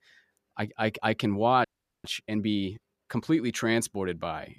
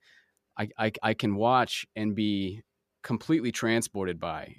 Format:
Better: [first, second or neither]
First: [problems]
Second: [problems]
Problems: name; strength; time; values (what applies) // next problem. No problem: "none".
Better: second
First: audio freezing; at 1.5 s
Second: none